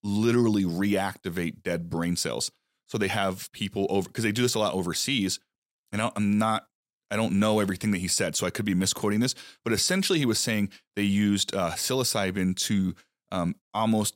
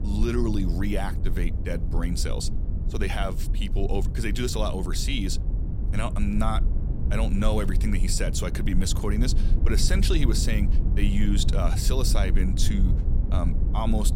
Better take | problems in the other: first | low rumble; noticeable; throughout; 10 dB below the speech

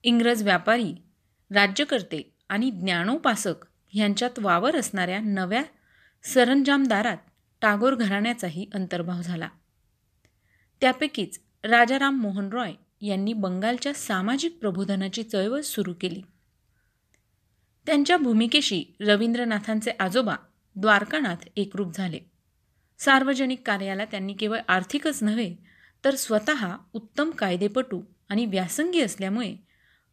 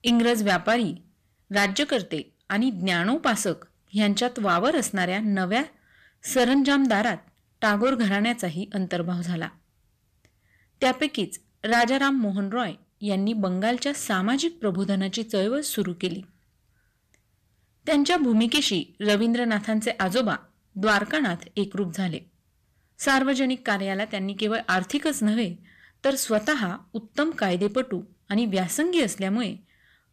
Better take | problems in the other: first | distortion; slight; 10 dB below the speech

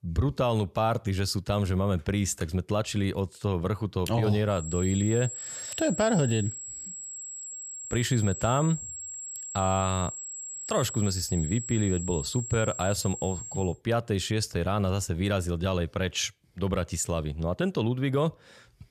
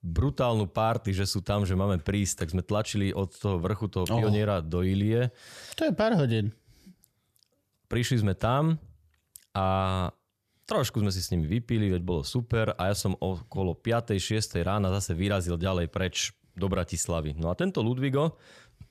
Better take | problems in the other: second | high-pitched whine; loud; from 4.5 to 14 s; 7.5 kHz, 8 dB below the speech

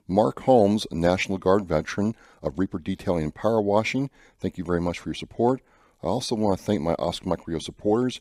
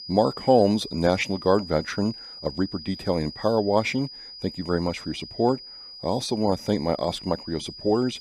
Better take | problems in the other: first | high-pitched whine; noticeable; throughout; 5 kHz, 15 dB below the speech

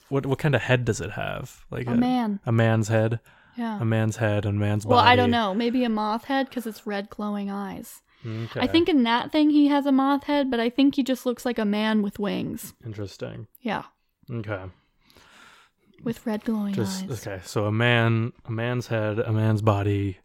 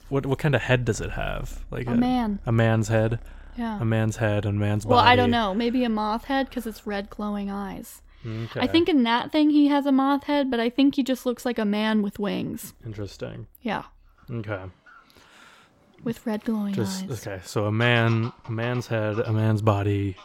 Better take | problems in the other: first | animal sounds; faint; throughout; 25 dB below the speech

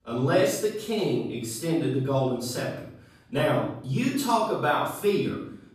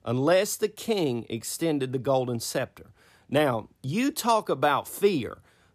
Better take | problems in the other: second | off-mic speech; far // room echo; noticeable; dies away in 0.6 s

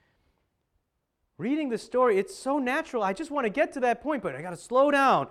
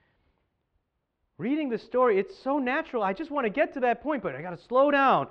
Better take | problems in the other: first | muffled; slightly; fading above 4 kHz

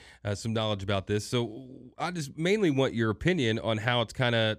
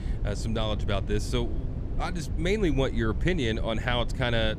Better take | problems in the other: first | low rumble; noticeable; throughout; 15 dB below the speech

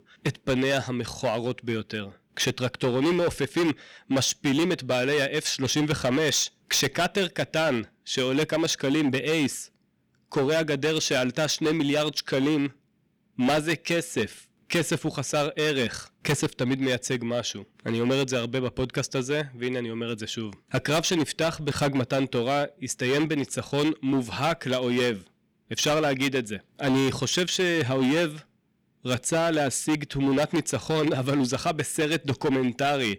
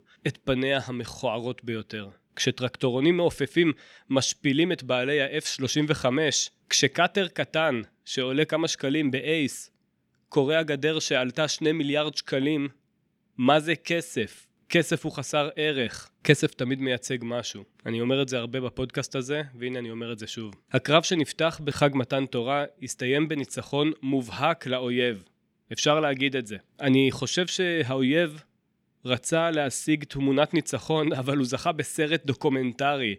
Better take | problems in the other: second | distortion; heavy; 13% of the sound clipped

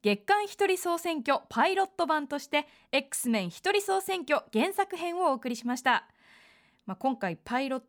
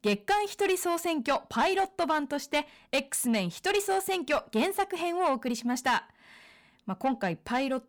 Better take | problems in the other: first | distortion; slight; 10 dB below the speech

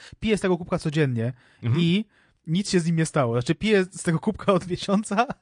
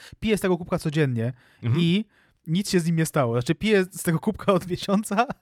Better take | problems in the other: second | garbled, watery; slightly

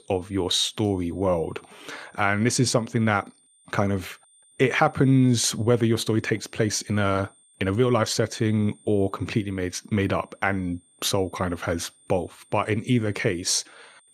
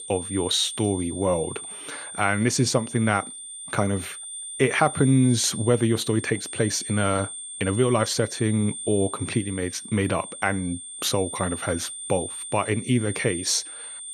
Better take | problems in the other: first | high-pitched whine; loud; throughout; 9 kHz, 9 dB below the speech; faint in the first

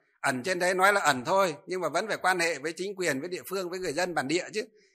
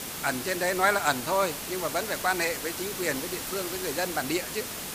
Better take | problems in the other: first | hiss; loud; throughout; 5 dB below the speech

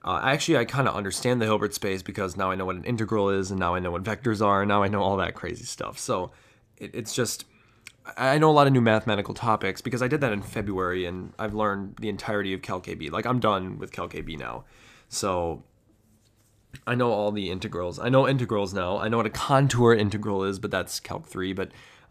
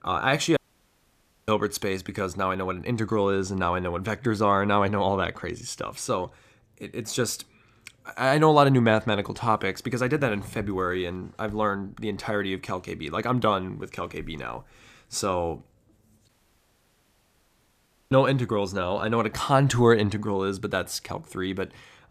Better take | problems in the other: first | audio cutting out; at 0.5 s for 1 s and at 16 s for 2 s

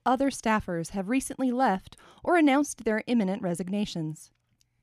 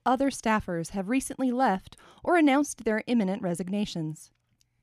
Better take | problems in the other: neither | none

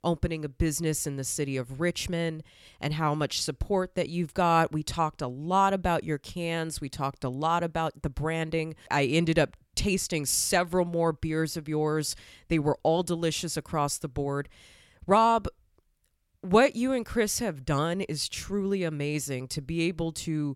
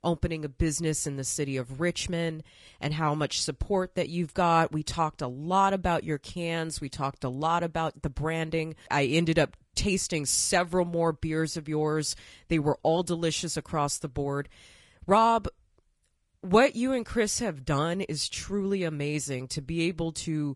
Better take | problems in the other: first | garbled, watery; slightly; nothing above 10.5 kHz

